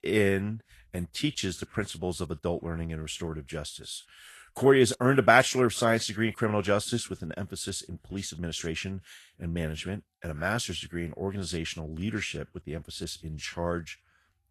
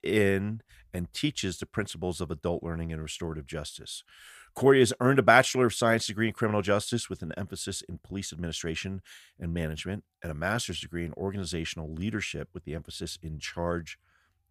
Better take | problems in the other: second | garbled, watery; slightly; nothing above 12.5 kHz

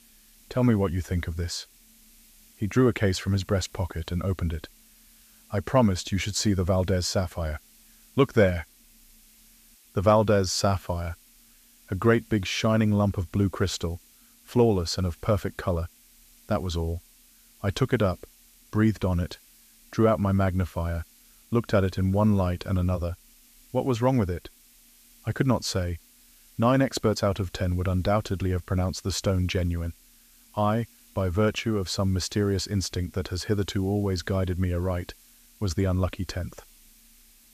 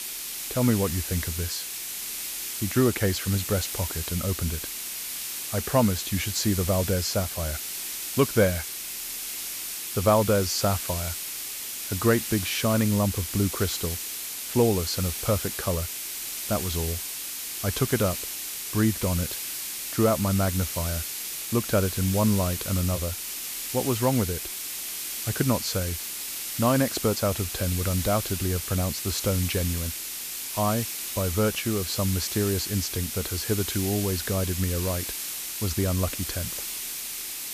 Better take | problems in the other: first | hiss; loud; throughout; 4 dB below the speech; faint in the first

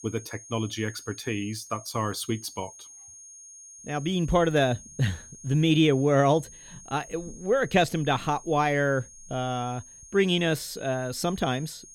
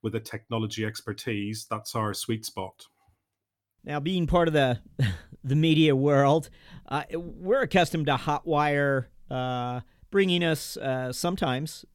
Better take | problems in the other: second | high-pitched whine; noticeable; throughout; 6.5 kHz, 20 dB below the speech

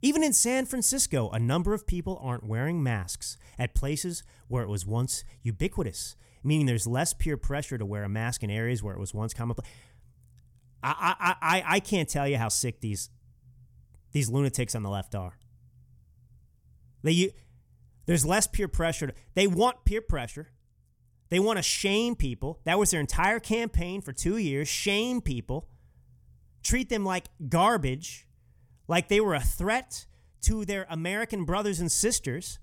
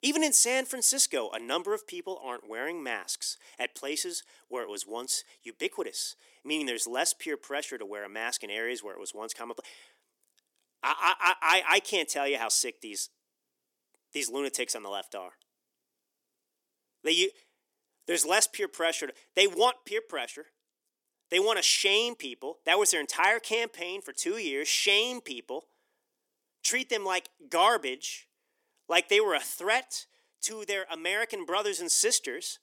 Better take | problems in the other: first | thin; very; fading below 300 Hz

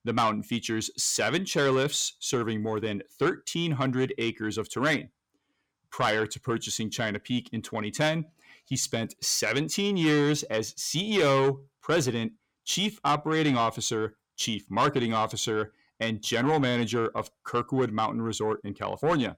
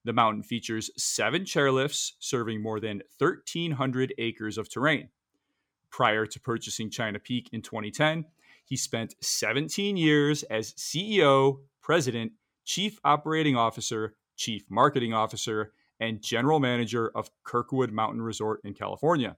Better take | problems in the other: second | distortion; slight; 10 dB below the speech

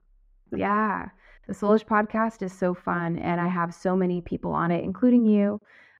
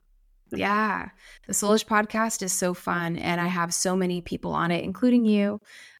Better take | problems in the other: second | muffled; very; fading above 3.5 kHz

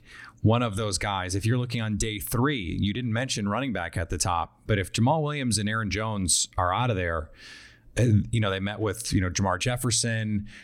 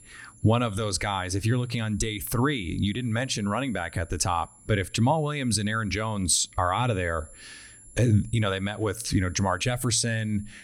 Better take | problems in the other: first | high-pitched whine; faint; throughout; 10.5 kHz, 25 dB below the speech

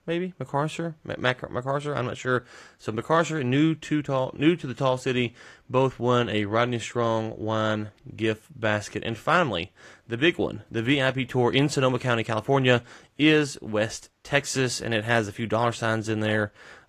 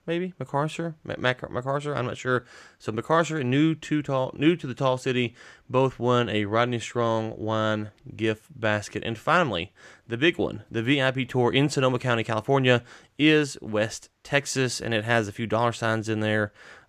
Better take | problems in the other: second | garbled, watery; slightly; nothing above 14.5 kHz

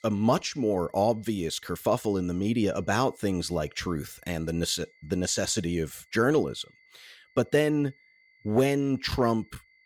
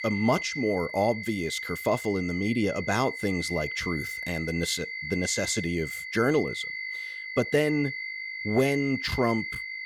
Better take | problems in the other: first | high-pitched whine; loud; throughout; 2 kHz, 6 dB below the speech; faint in the first

